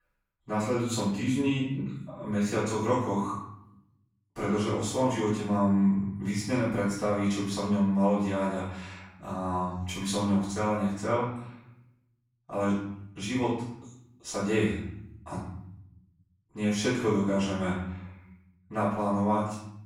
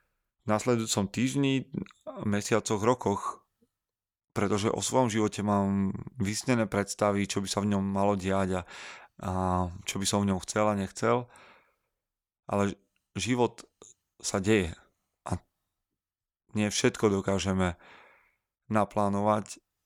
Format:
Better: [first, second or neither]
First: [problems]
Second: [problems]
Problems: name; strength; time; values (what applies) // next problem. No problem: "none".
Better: second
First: room echo; noticeable; dies away in 0.8 s // off-mic speech; far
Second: none